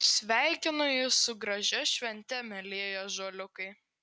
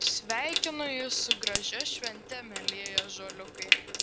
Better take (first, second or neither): first